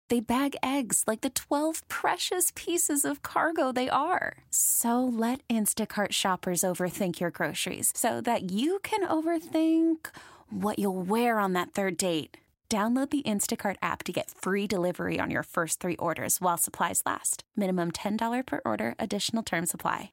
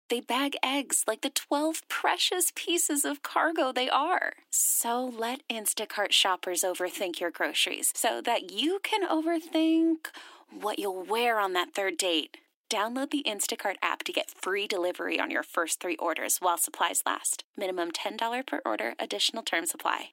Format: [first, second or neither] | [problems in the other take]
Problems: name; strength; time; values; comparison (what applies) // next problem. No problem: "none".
first | thin; somewhat; fading below 300 Hz